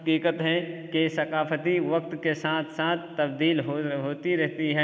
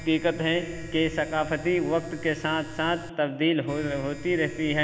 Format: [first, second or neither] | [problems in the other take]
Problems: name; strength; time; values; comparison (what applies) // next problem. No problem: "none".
first | background sound (Domestic sounds, home sounds); 15 dB below the speech